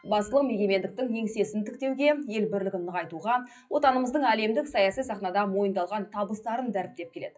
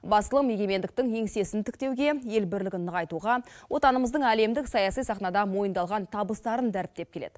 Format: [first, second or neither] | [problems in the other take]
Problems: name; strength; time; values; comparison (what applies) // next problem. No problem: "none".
second | noise reduction (classical method WPE with log-MMSE)